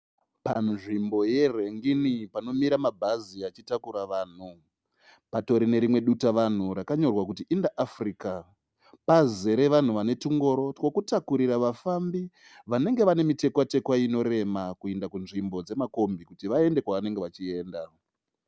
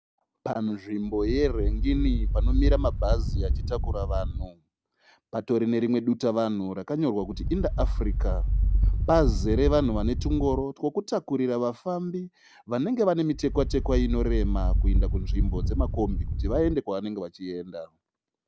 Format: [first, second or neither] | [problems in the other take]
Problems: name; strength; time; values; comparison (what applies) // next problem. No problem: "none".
first | background sound (Thunder / Wind); 3 dB above the speech